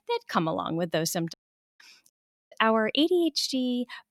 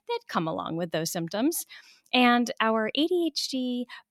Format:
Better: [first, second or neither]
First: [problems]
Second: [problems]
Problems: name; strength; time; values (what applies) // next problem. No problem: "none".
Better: second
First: audio cutting out; at 1.5 s and at 2 s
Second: none